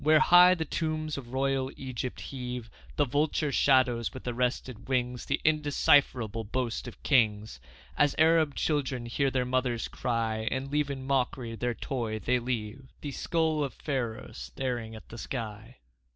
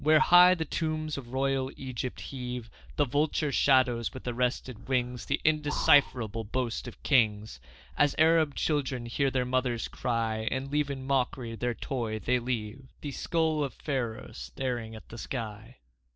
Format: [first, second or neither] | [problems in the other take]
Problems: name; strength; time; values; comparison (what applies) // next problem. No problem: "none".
first | noise reduction (neural separator model SepFormer DNS4)